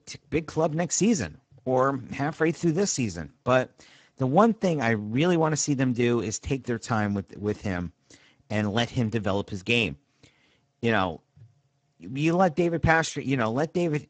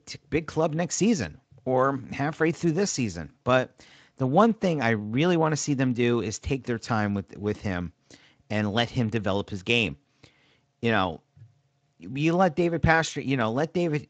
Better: second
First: garbled, watery; badly; nothing above 7.5 kHz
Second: garbled, watery; slightly; nothing above 7.5 kHz

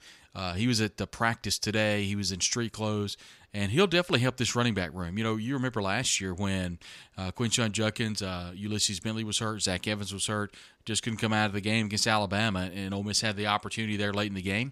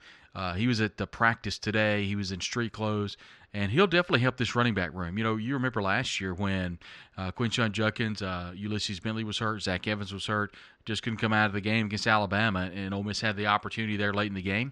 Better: first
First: none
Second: muffled; slightly; fading above 3.5 kHz

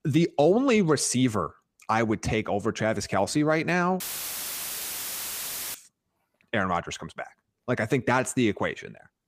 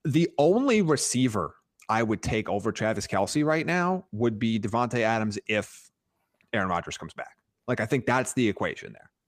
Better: second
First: audio cutting out; filled with static; at 4 s for 2 s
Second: none

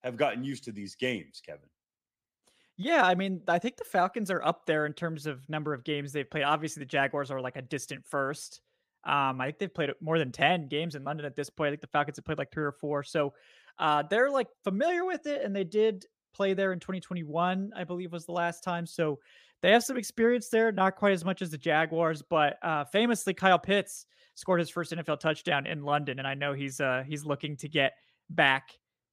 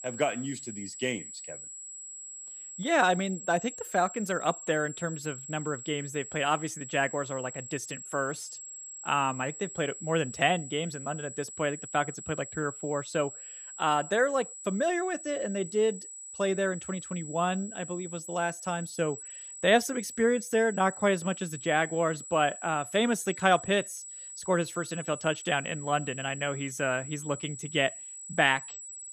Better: first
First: none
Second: high-pitched whine; noticeable; throughout; 8 kHz, 10 dB below the speech

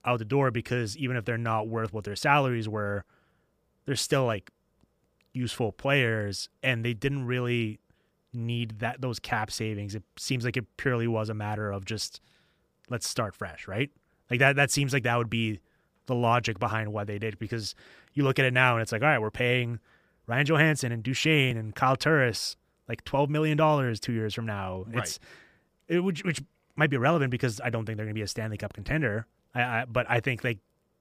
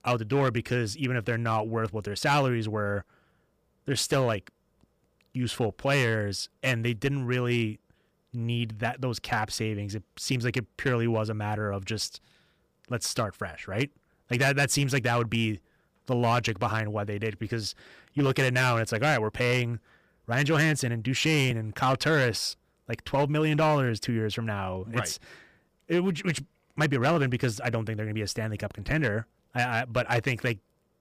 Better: first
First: none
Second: distortion; slight; 4% of the sound clipped

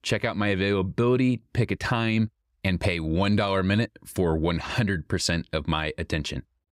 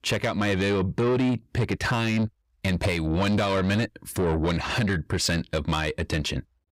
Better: first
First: none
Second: distortion; slight; 10 dB below the speech

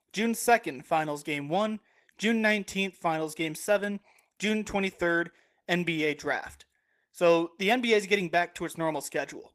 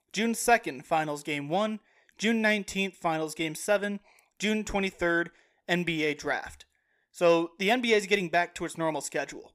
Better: second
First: garbled, watery; slightly; nothing above 14.5 kHz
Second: none

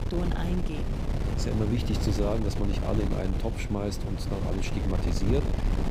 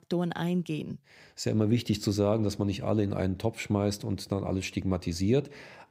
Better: second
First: wind noise on the microphone; heavy; 4 dB below the speech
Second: none

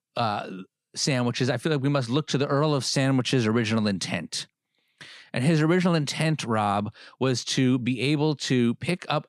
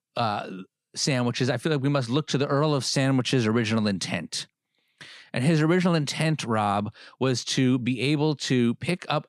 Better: neither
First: none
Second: none

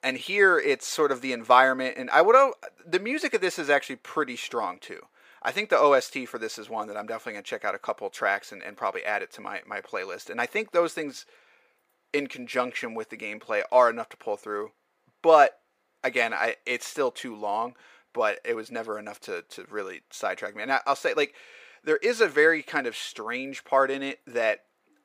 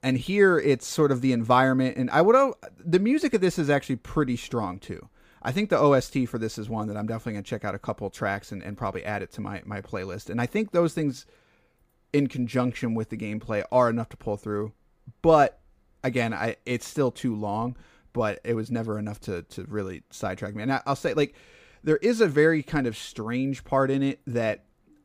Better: second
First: thin; somewhat; fading below 550 Hz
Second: none

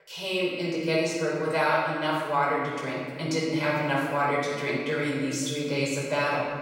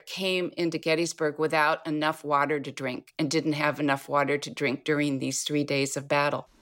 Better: second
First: room echo; strong; dies away in 1.6 s // off-mic speech; far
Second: none

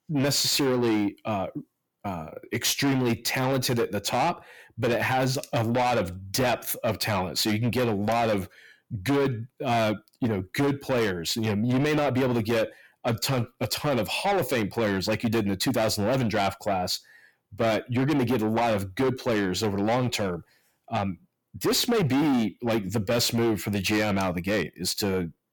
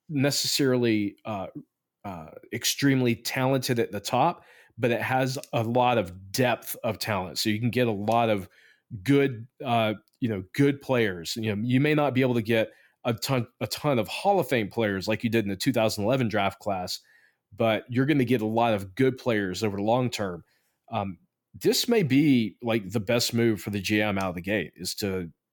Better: second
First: distortion; heavy; 7 dB below the speech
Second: none

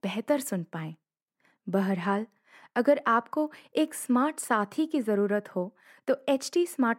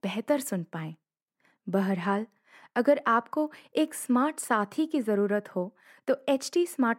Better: neither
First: none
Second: none

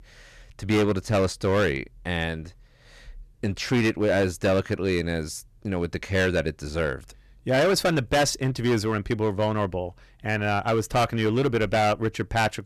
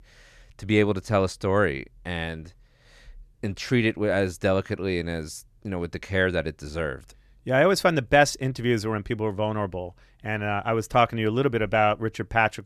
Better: second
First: distortion; heavy; 9% of the sound clipped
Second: none

